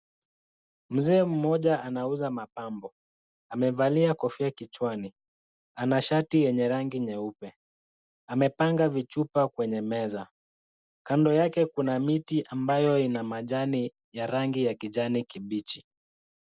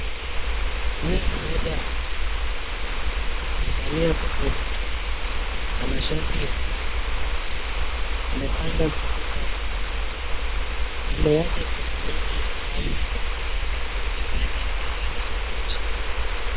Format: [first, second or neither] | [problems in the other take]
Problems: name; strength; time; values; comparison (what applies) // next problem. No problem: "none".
first | noise reduction (neural separator model SepFormer WHAM!)